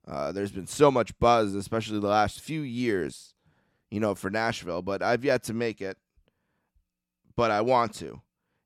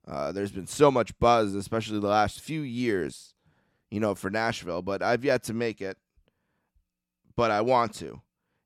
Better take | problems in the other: neither | none

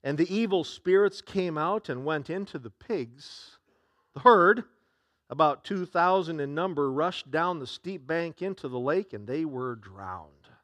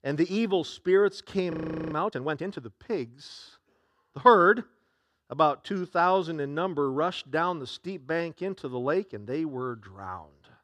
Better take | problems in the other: first | audio freezing; at 1.5 s

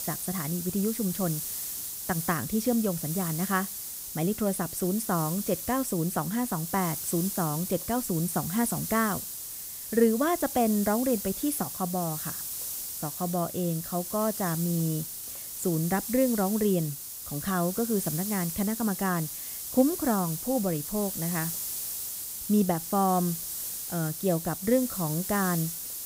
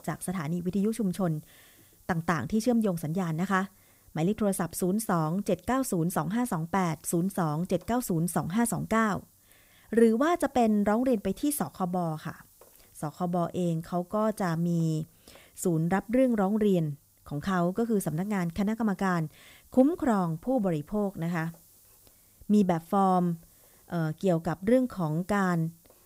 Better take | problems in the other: second | hiss; loud; throughout; 5 dB below the speech; faint in the second

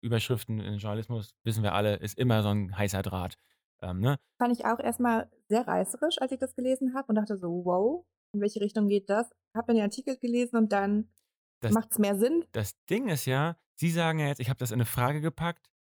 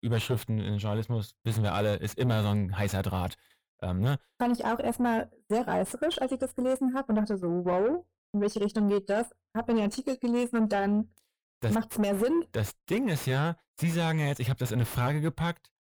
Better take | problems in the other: first | distortion; slight; 9 dB below the speech

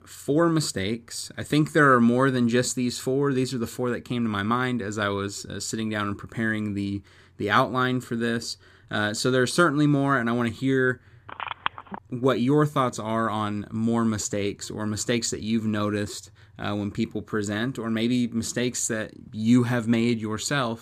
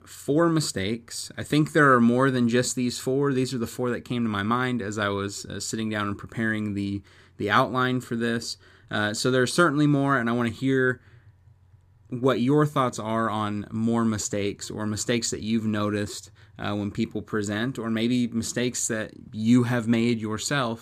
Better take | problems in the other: second | phone ringing; noticeable; at 11 s; peak 6 dB below the speech

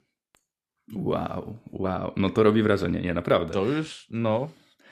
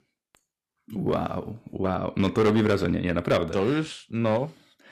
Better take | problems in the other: first | distortion; slight; 4% of the sound clipped

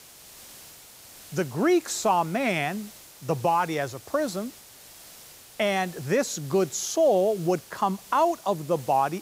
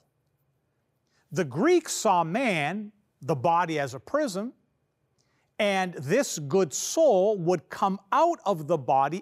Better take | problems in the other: second | hiss; noticeable; throughout; 20 dB below the speech

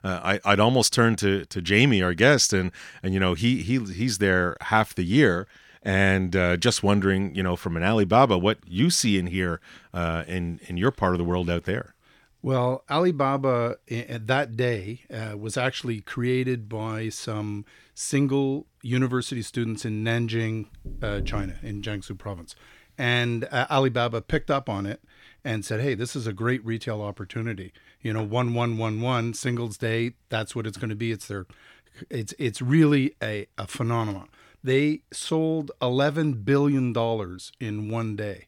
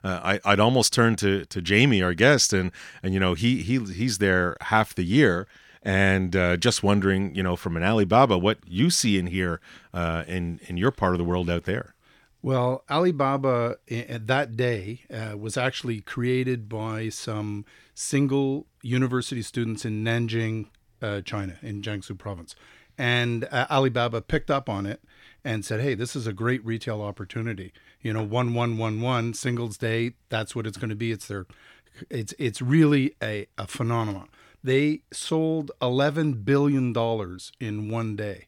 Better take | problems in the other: second | door banging; faint; from 21 to 22 s; peak 10 dB below the speech

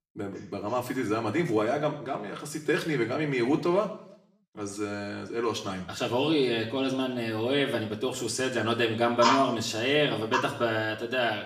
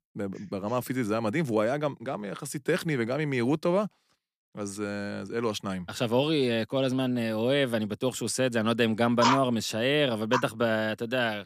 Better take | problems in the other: second | room echo; slight; dies away in 0.6 s // off-mic speech; far

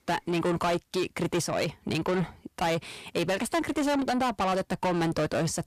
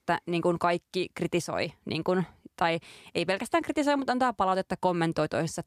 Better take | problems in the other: second | distortion; heavy; 7 dB below the speech

